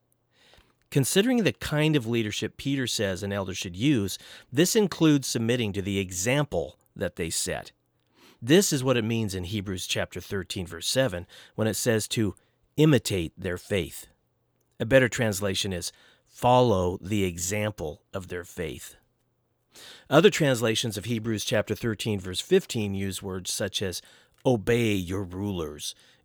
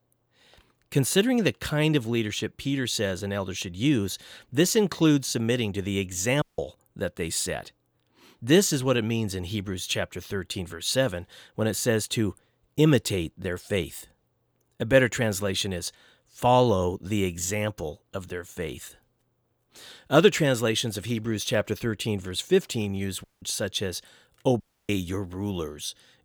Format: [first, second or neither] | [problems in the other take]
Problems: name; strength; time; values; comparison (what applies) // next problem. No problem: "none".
first | audio cutting out; at 6.5 s, at 23 s and at 25 s